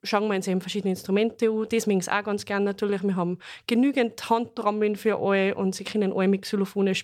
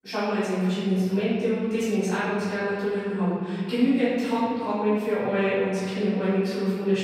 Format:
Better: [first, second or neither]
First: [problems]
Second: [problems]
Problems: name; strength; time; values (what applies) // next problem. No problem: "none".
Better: first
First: none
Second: off-mic speech; far // room echo; strong; dies away in 2.2 s